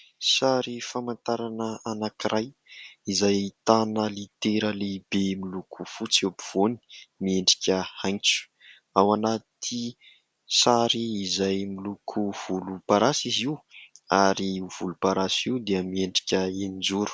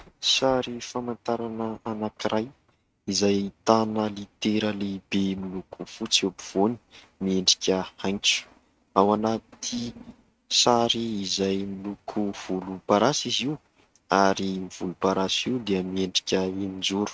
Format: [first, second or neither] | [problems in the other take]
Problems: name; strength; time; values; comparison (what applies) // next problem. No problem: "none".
first | noise reduction (neural mask model RNNoise)